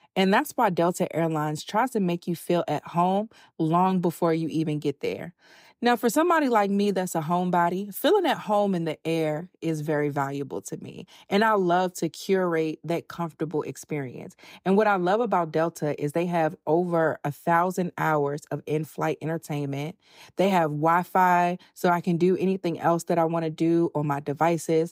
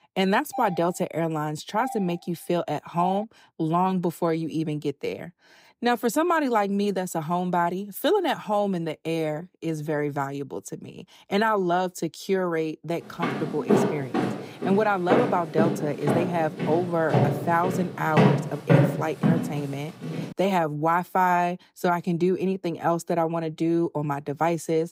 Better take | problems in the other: first | doorbell; noticeable; from 0.5 to 3 s; peak 9 dB below the speech // footsteps; loud; from 13 to 20 s; peak 6 dB above the speech

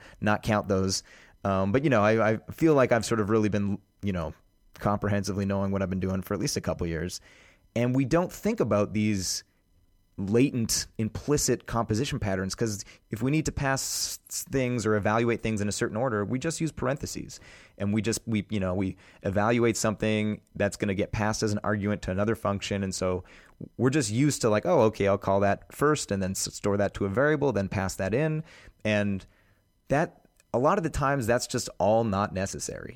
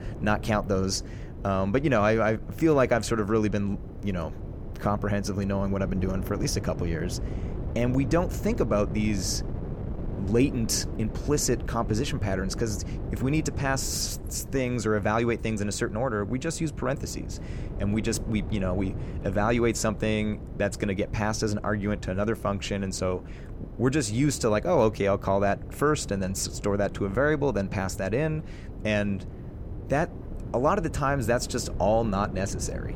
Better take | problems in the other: first | wind noise on the microphone; occasional gusts; 15 dB below the speech

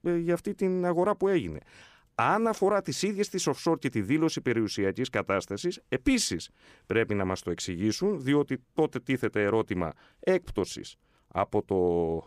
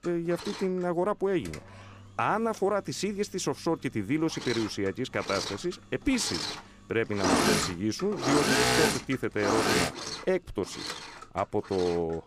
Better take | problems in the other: first | machinery noise; very loud; throughout; 1 dB above the speech

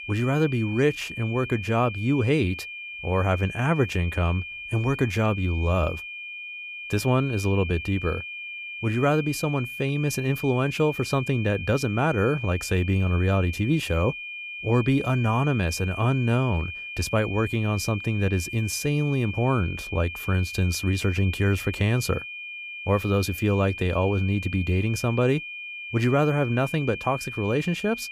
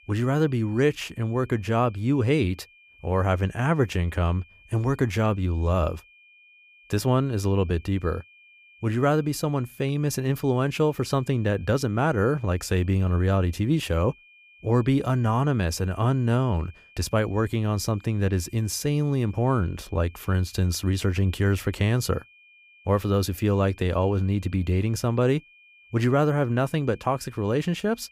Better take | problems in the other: second | high-pitched whine; loud; throughout; 2.5 kHz, 9 dB below the speech; faint in the second

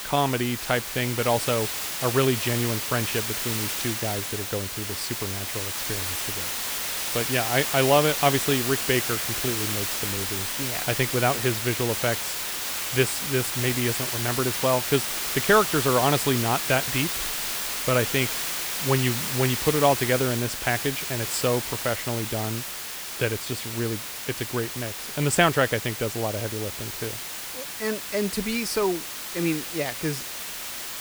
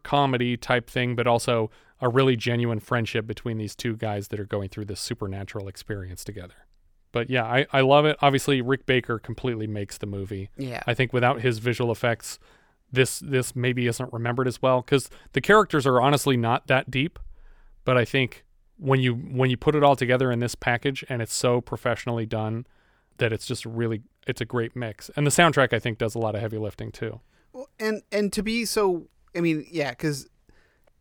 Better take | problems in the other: second | hiss; loud; throughout; 2 dB below the speech

